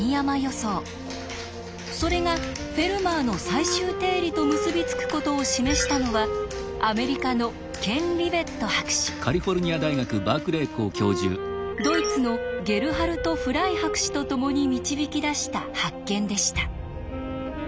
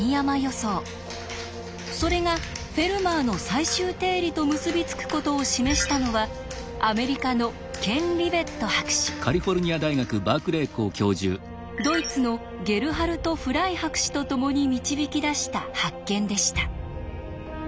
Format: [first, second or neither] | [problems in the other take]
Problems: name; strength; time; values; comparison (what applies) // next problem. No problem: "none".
second | background sound (Wind instrument, woodwind instrument); 7 dB below the speech